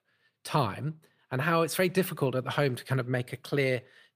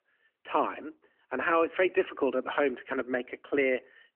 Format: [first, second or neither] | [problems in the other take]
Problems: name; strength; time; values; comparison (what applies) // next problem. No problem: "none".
first | phone-call audio; nothing above 3 kHz